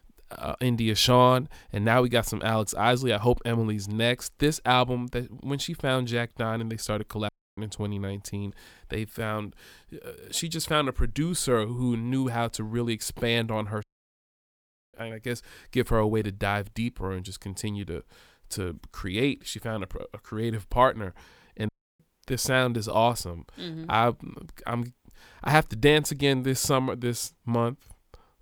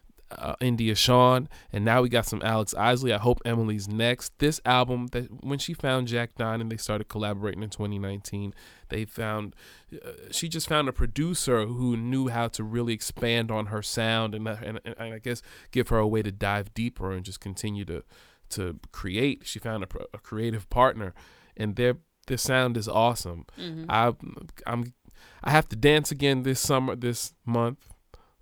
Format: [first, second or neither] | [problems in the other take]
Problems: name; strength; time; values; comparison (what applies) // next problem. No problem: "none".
second | audio cutting out; at 7.5 s, at 14 s for 1 s and at 22 s